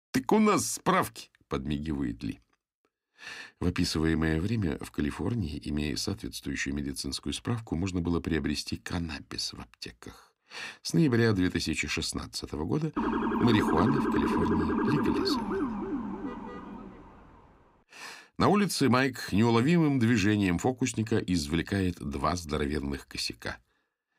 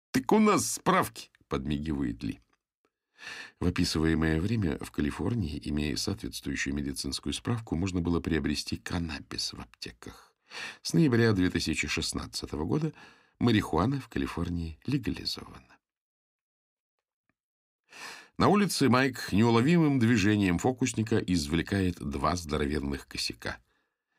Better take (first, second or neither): second